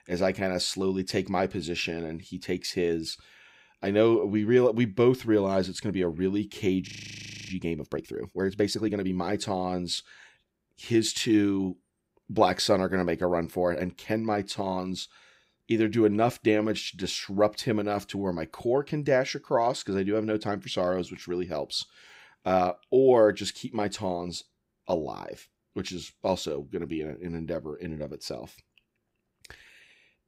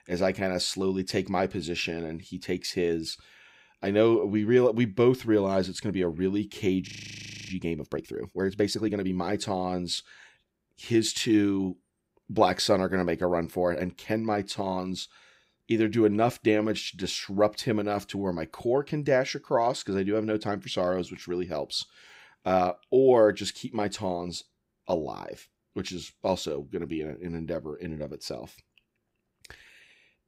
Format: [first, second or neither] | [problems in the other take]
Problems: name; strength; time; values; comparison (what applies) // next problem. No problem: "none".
neither | audio freezing; at 7 s for 0.5 s; the same in both